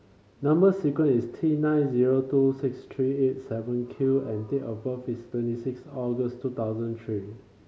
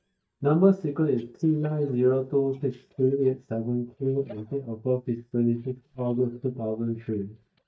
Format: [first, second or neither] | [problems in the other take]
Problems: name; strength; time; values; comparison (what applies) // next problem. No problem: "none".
first | noise reduction (neural mask model DeepFilterNet 3)